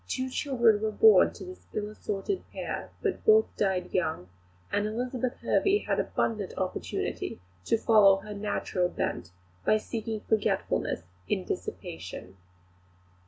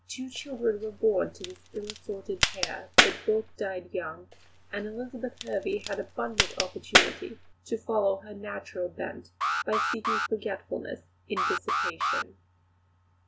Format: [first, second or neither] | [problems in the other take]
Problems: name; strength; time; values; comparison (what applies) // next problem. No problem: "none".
first | background sound (Crack + Alarm); 2 dB above the speech